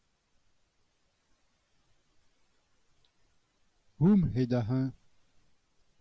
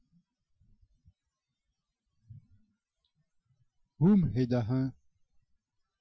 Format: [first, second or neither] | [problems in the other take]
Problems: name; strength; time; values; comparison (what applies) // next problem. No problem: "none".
first | noise reduction (classical method Wiener filter)